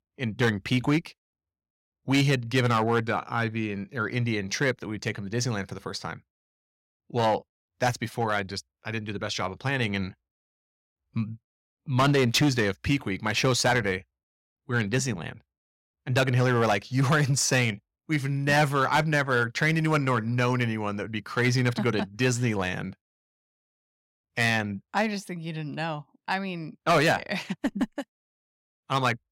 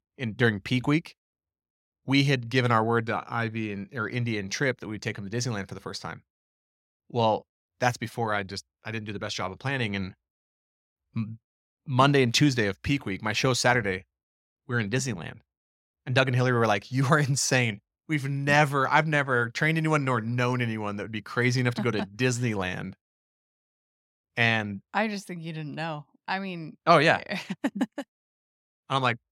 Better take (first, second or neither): second